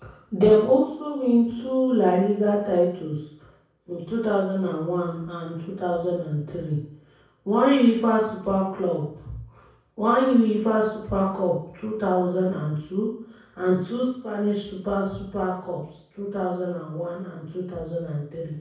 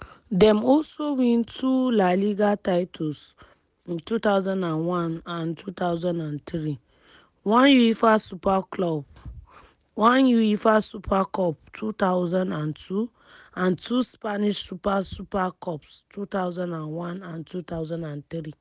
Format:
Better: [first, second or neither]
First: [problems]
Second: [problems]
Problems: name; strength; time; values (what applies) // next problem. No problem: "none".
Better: second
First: room echo; dies away in 0.6 s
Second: none